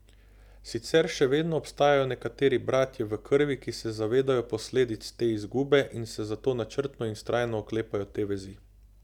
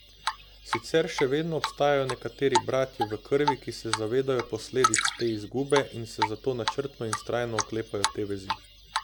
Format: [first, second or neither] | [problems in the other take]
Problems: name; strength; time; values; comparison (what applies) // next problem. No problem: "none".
first | background sound (Drip); 4 dB below the speech